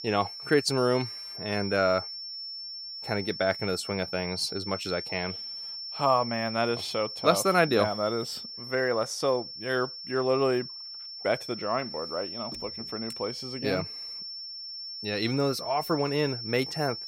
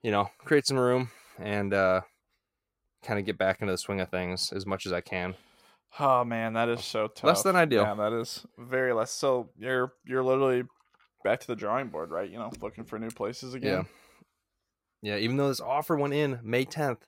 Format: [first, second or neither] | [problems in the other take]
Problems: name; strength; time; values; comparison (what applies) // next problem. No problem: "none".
second | high-pitched whine; loud; throughout; 5.5 kHz, 8 dB below the speech